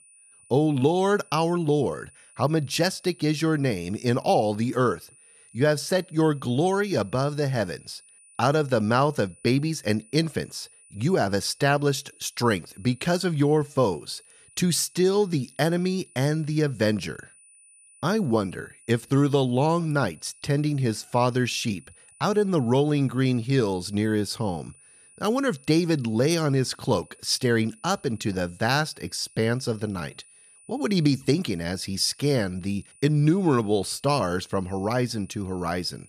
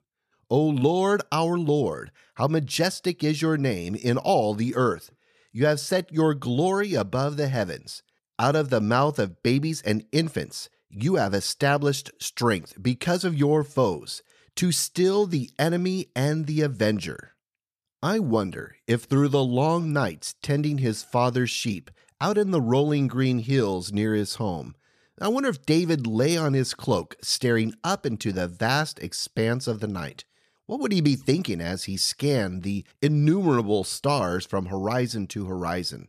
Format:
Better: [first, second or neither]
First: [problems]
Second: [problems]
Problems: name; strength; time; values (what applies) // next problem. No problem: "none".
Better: second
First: high-pitched whine; faint; throughout; 9.5 kHz, 25 dB below the speech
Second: none